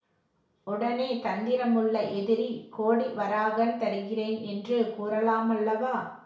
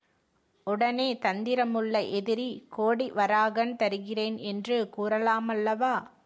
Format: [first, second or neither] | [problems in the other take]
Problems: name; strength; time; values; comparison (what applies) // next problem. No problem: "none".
second | room echo; dies away in 0.6 s